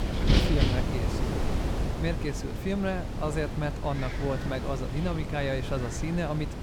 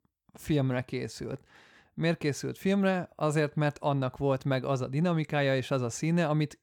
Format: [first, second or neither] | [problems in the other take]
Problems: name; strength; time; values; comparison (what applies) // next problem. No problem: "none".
second | wind noise on the microphone; heavy; 2 dB below the speech